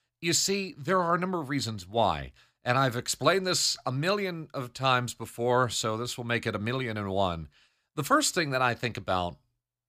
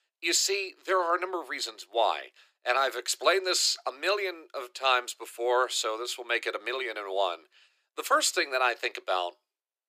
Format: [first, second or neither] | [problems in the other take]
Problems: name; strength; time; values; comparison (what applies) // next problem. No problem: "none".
first | thin; very; fading below 350 Hz